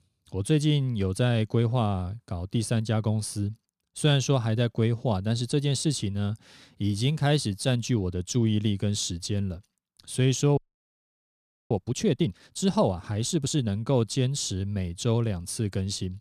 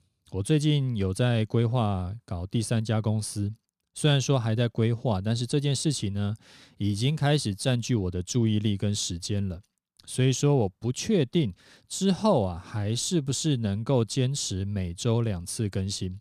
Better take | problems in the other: second | audio freezing; at 11 s for 1 s

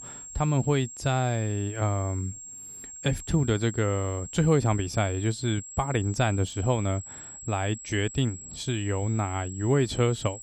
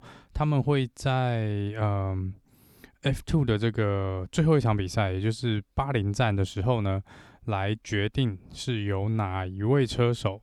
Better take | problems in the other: second | high-pitched whine; noticeable; throughout; 7.5 kHz, 10 dB below the speech

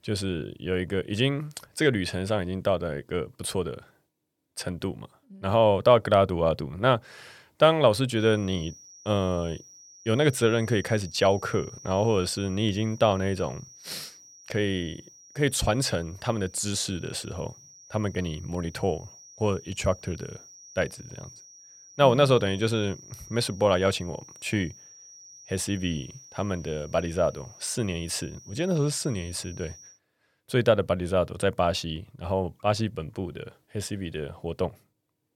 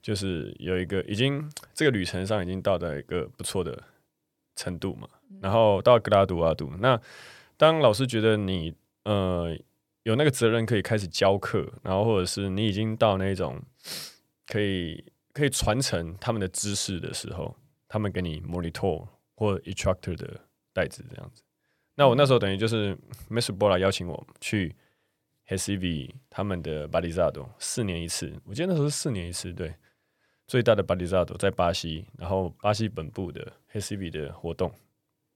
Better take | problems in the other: second | high-pitched whine; faint; from 8 to 30 s; 6 kHz, 20 dB below the speech

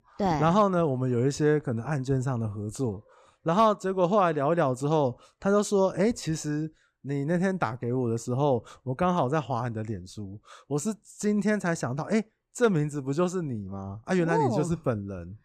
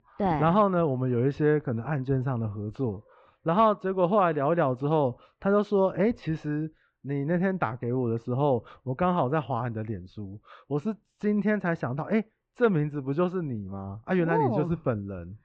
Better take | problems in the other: first | muffled; very; fading above 3 kHz

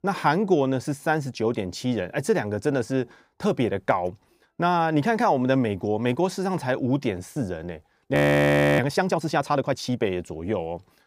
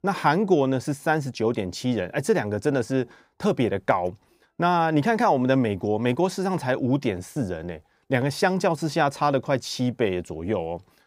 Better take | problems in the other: second | audio freezing; at 8 s for 0.5 s

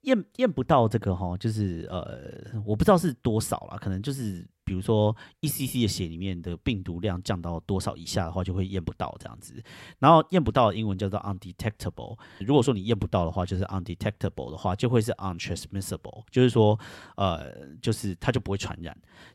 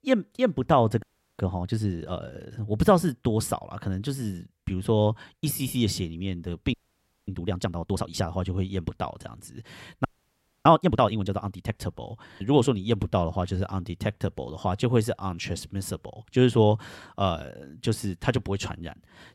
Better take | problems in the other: first | audio freezing; at 1 s, at 6.5 s for 0.5 s and at 10 s for 0.5 s

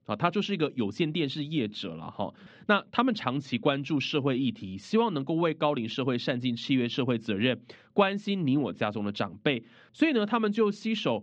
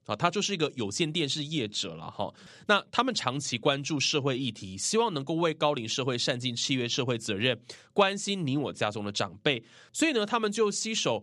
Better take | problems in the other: second | muffled; slightly; fading above 3 kHz

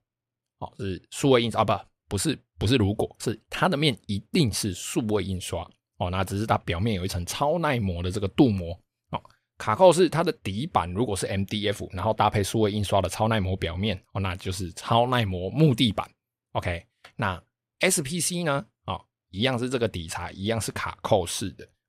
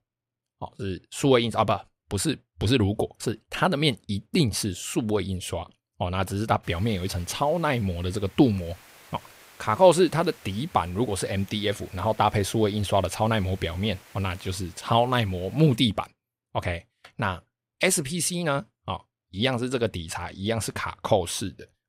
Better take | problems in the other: first | hiss; faint; from 6.5 to 16 s; 25 dB below the speech

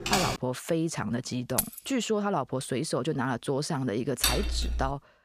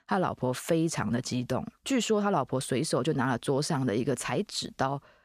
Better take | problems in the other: second | keyboard typing; loud; at the start; peak 3 dB above the speech // jangling keys; loud; at 1.5 s; peak level with the speech // clattering dishes; loud; at 4 s; peak 4 dB above the speech

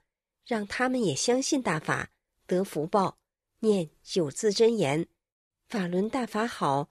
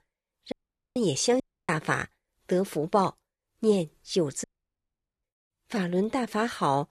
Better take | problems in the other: first | audio cutting out; at 0.5 s, at 1.5 s and at 4.5 s for 1 s

